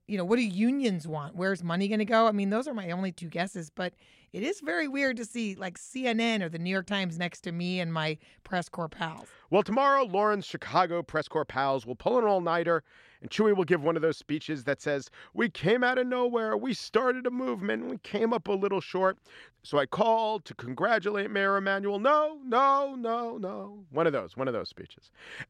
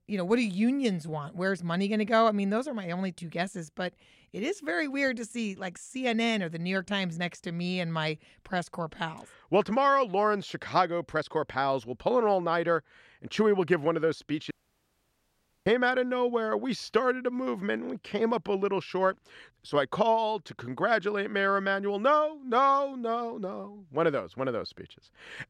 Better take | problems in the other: first | audio cutting out; at 15 s for 1 s

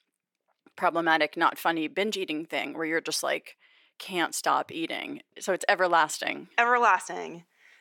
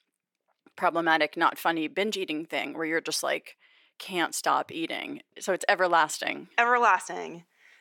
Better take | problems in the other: neither | thin; somewhat; fading below 450 Hz; the same in both

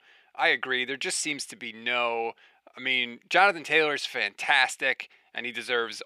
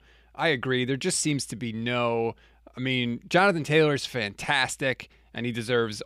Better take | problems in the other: second | thin; very; fading below 400 Hz

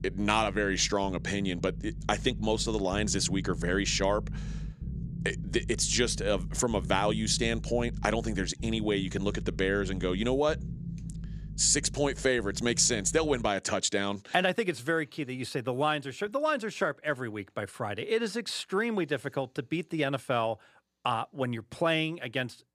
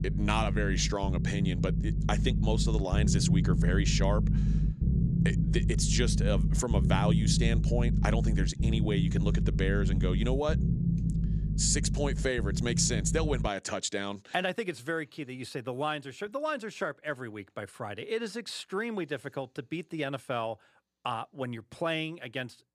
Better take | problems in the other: first | low rumble; loud; until 13 s; 6 dB below the speech; faint in the first

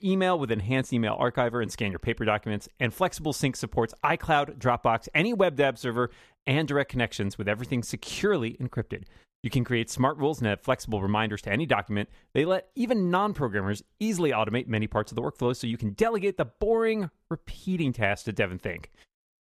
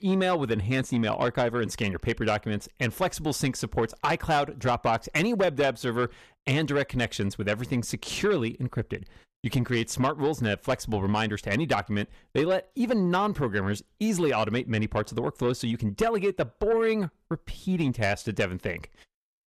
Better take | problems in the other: first | distortion; slight; 10 dB below the speech

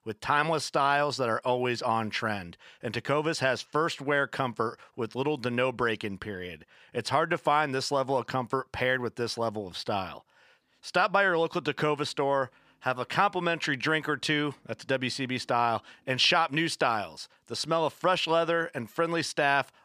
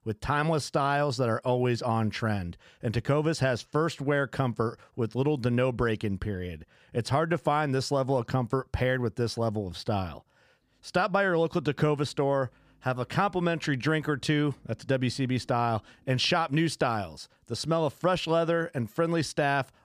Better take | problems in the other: second | thin; somewhat; fading below 650 Hz

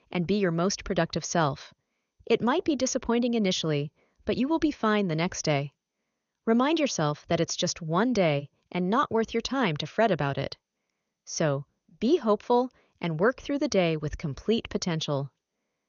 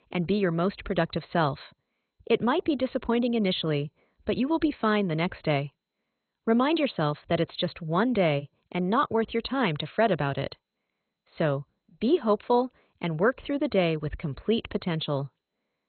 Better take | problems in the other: first | garbled, watery; badly; nothing above 4 kHz; slightly in the first

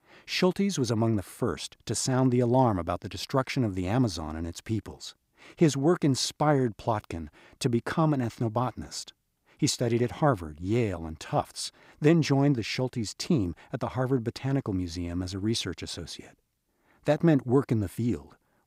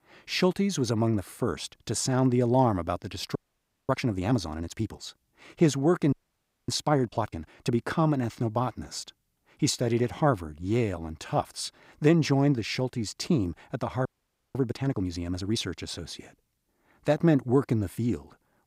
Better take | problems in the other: first | audio freezing; at 3.5 s for 0.5 s, at 6 s for 0.5 s and at 14 s for 0.5 s

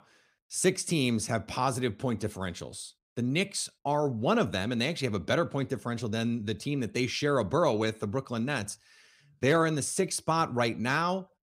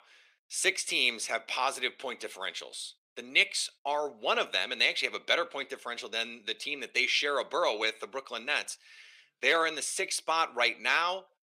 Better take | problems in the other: first | thin; very; fading below 450 Hz

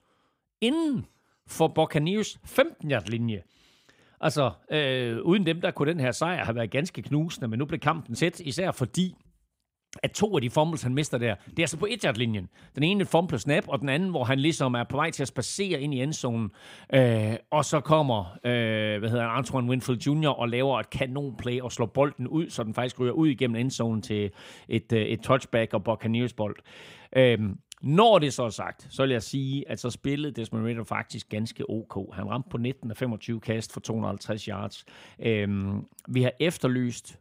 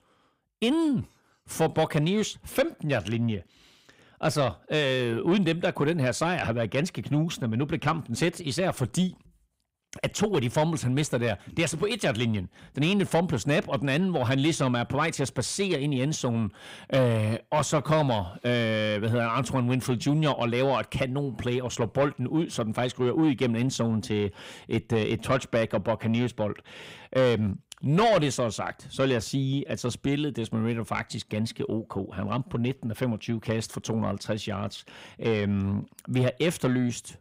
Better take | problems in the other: first | distortion; slight; 10 dB below the speech

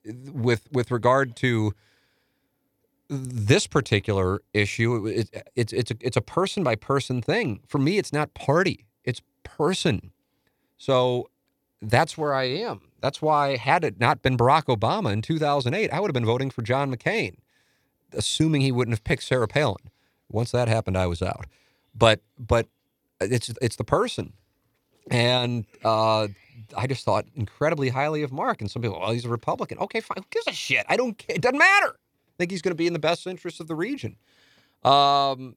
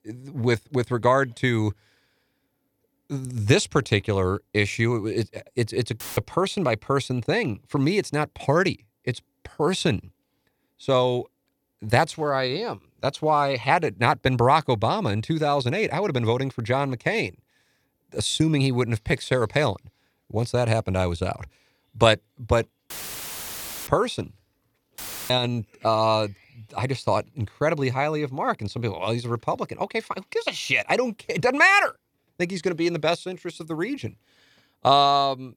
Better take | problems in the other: first | audio cutting out; filled with static; at 6 s, at 23 s for 1 s and at 25 s

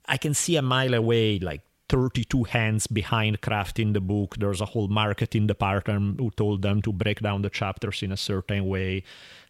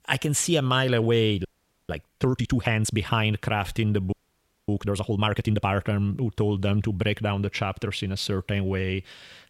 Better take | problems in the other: first | audio freezing; at 1.5 s and at 4 s for 0.5 s

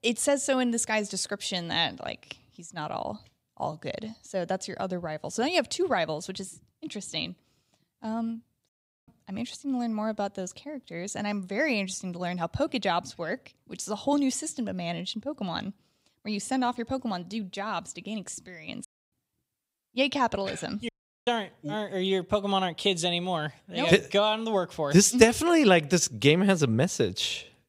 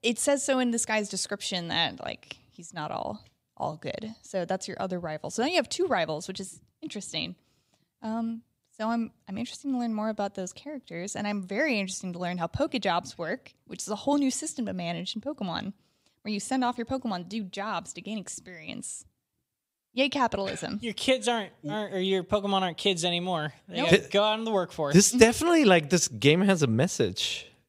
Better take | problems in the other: second | audio cutting out; at 8.5 s, at 19 s and at 21 s

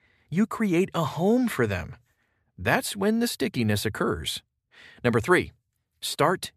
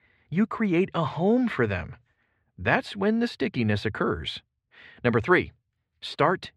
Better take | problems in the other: first | muffled; slightly; fading above 3 kHz

